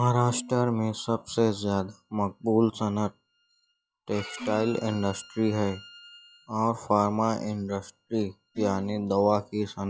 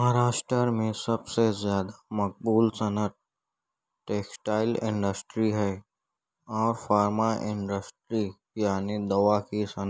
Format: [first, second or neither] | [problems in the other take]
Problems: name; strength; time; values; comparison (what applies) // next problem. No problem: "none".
second | noise reduction (classical method log-MMSE)